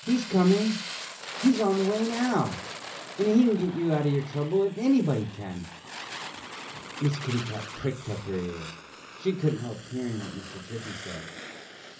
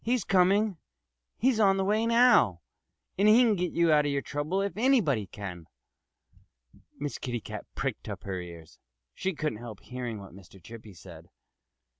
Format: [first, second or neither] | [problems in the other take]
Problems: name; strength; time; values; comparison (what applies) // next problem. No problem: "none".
second | background sound (Fire); 13 dB below the speech // room echo; dies away in 0.5 s